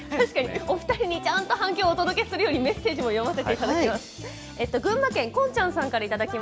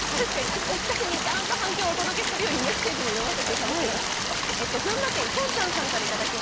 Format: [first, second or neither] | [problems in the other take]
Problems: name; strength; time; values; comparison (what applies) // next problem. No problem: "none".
first | background sound (Stream); 3 dB above the speech